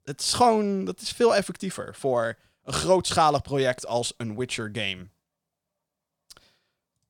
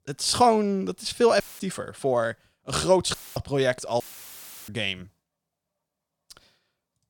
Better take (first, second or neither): first